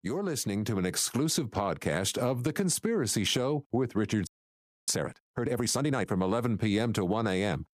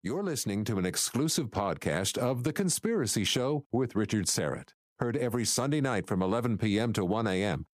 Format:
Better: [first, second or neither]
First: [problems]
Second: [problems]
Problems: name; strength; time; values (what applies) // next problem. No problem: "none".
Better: second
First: audio freezing; at 4.5 s for 0.5 s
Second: none